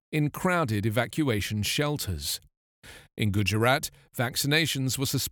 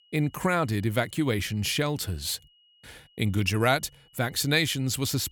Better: first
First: none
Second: high-pitched whine; faint; throughout; 3 kHz, 30 dB below the speech

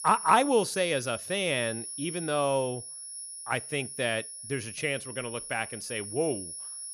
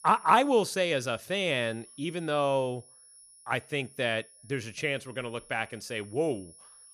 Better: second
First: high-pitched whine; loud; throughout; 10.5 kHz, 8 dB below the speech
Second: high-pitched whine; faint; throughout; 10.5 kHz, 20 dB below the speech

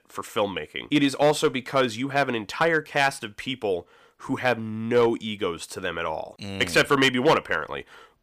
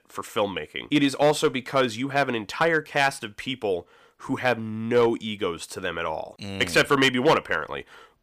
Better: neither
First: distortion; slight; 1.9% of the sound clipped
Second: distortion; slight; 1.9% of the sound clipped

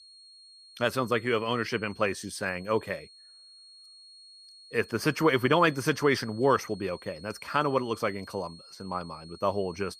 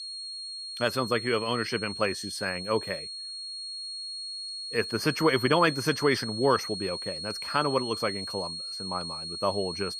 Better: first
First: high-pitched whine; faint; throughout; 4.5 kHz, 20 dB below the speech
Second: high-pitched whine; loud; throughout; 4.5 kHz, 6 dB below the speech

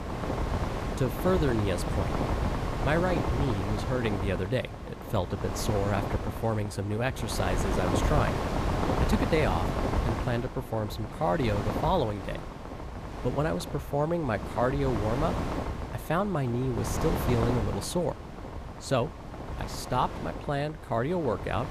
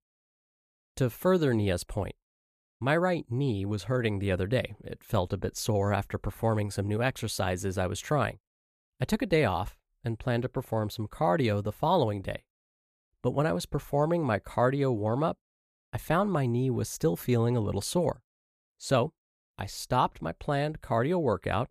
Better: second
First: wind noise on the microphone; heavy; 4 dB below the speech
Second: none

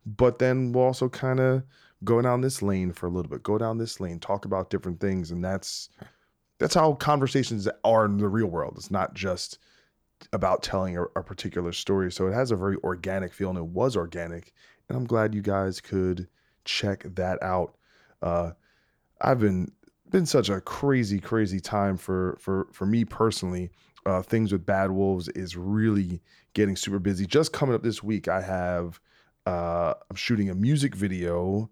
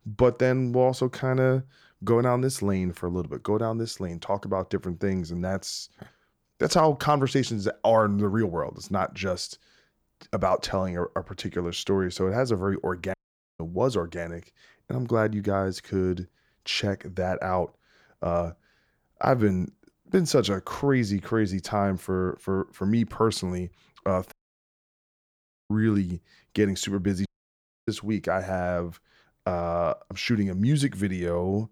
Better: first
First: none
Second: audio cutting out; at 13 s, at 24 s for 1.5 s and at 27 s for 0.5 s

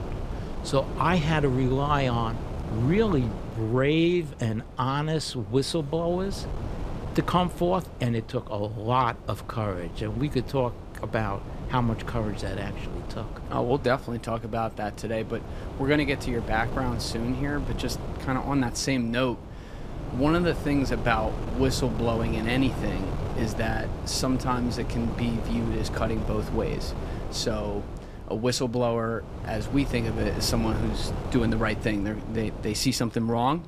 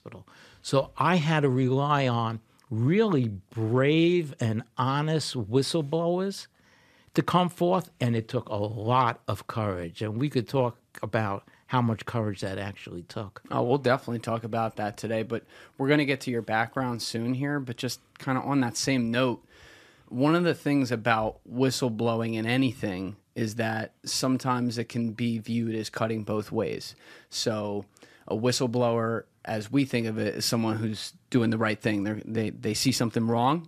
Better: second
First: wind noise on the microphone; occasional gusts; 10 dB below the speech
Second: none

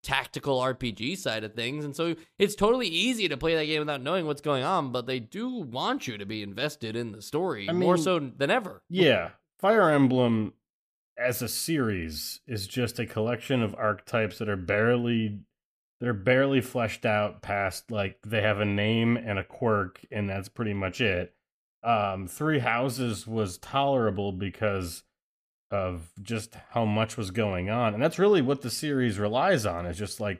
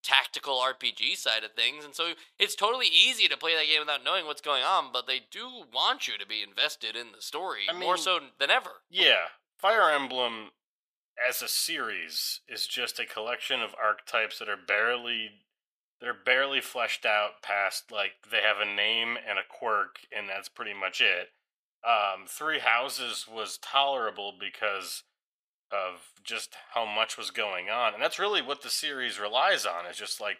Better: first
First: none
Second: thin; very; fading below 900 Hz

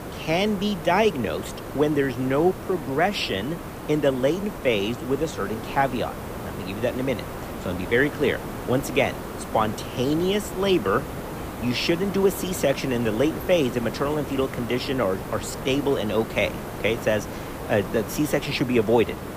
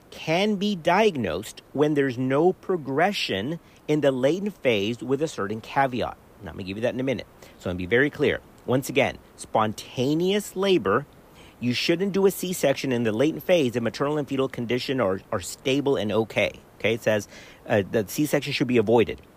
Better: second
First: hiss; loud; throughout; 10 dB below the speech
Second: hiss; faint; throughout; 30 dB below the speech

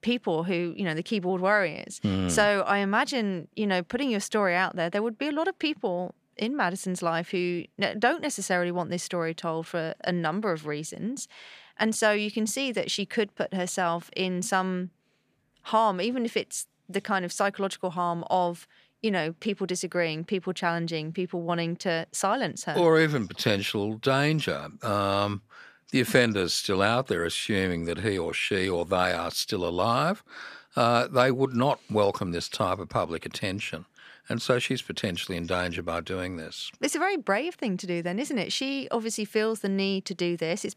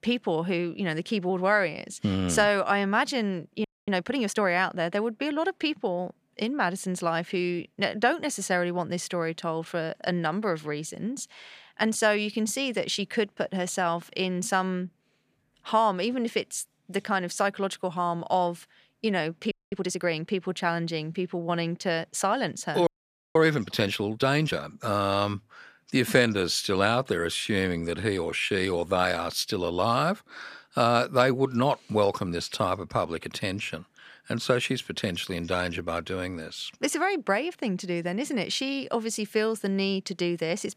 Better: first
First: none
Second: audio freezing; at 3.5 s, at 20 s and at 23 s

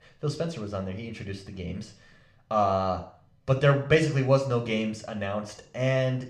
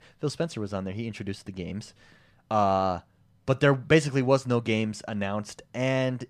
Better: second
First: room echo; slight; dies away in 0.4 s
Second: none

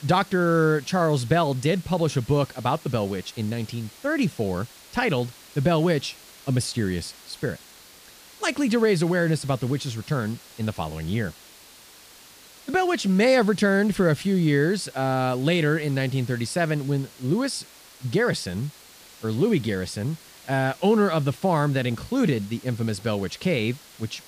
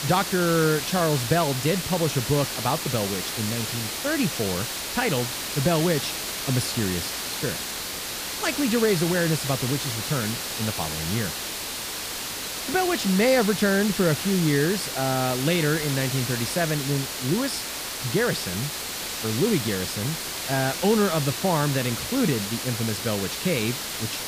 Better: first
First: hiss; faint; throughout; 20 dB below the speech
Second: hiss; loud; throughout; 3 dB below the speech

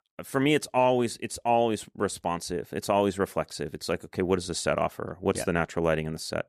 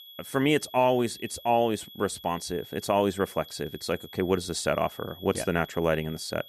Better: first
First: none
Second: high-pitched whine; noticeable; throughout; 3.5 kHz, 20 dB below the speech

